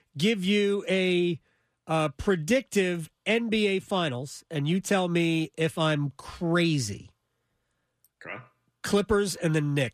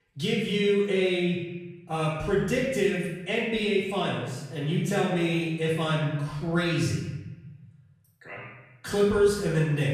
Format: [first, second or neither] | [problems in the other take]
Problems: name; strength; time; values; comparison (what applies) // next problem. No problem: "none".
first | off-mic speech; far // room echo; noticeable; dies away in 1 s